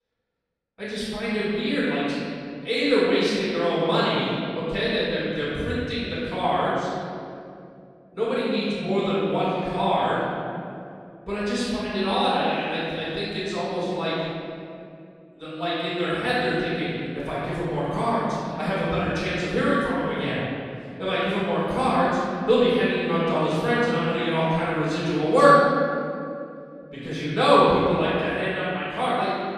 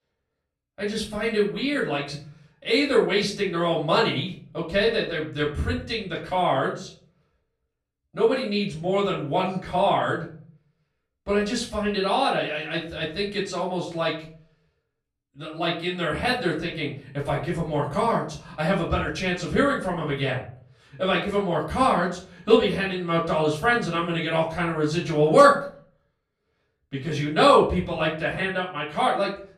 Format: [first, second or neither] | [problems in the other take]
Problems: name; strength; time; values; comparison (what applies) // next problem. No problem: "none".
second | room echo; strong; dies away in 2.4 s; slight in the second // off-mic speech; far; far in the second